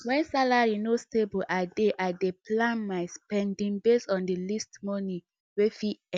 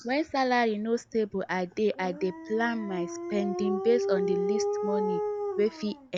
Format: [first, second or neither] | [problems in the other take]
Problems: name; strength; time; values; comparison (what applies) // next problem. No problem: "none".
first | background sound (Dog); 4 dB below the speech